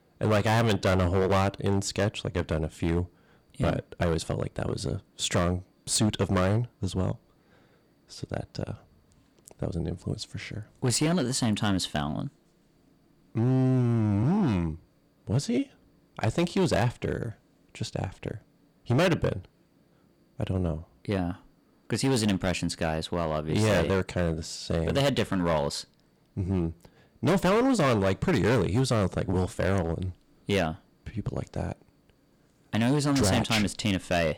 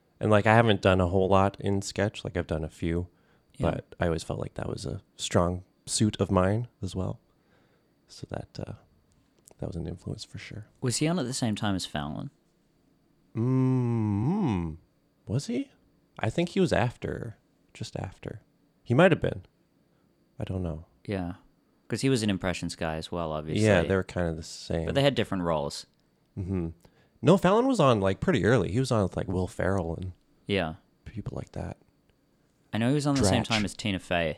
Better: second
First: distortion; heavy; 8% of the sound clipped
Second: none

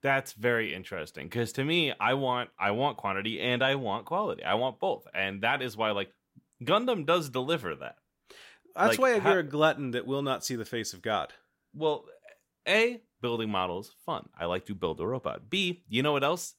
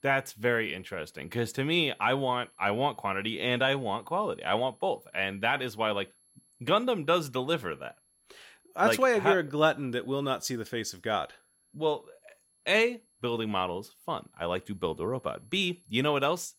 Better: first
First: none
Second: high-pitched whine; faint; throughout; 11 kHz, 35 dB below the speech

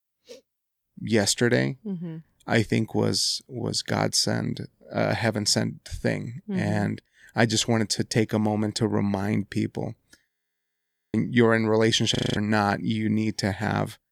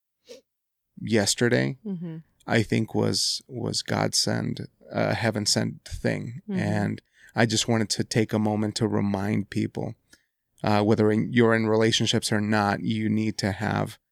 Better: second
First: audio freezing; at 10 s for 1 s and at 12 s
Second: none

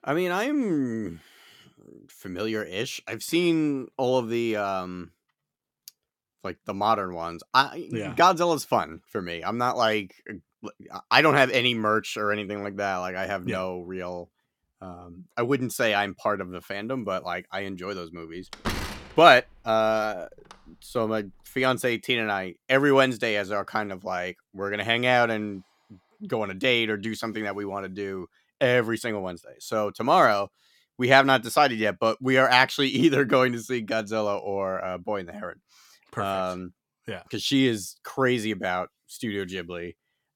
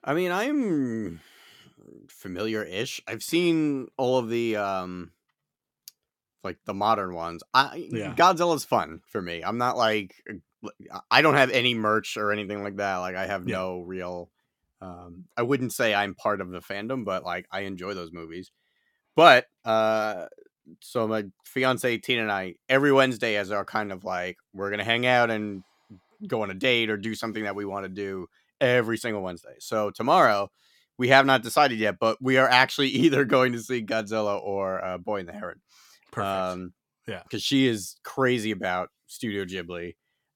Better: second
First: door banging; noticeable; from 19 to 21 s; peak 6 dB below the speech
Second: none

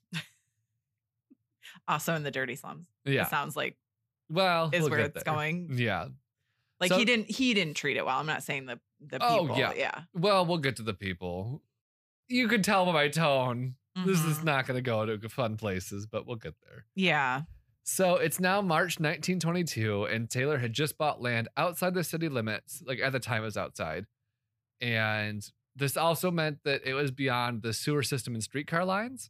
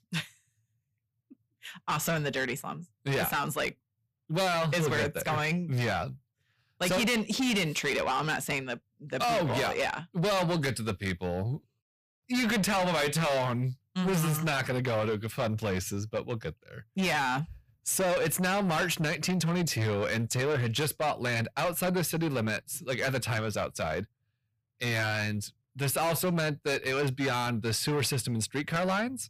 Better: first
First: none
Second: distortion; heavy; 6 dB below the speech

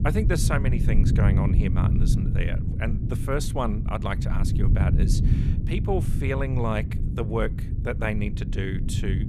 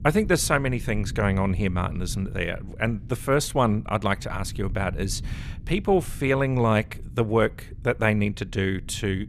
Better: second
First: low rumble; loud; throughout; 6 dB below the speech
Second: low rumble; faint; throughout; 25 dB below the speech

